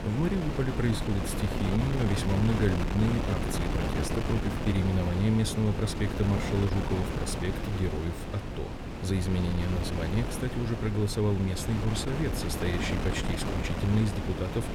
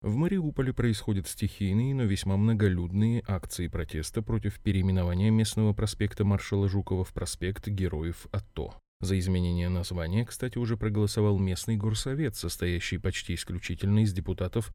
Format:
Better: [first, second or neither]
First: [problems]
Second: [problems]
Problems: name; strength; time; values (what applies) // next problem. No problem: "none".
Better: second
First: wind noise on the microphone; heavy; as loud as the speech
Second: none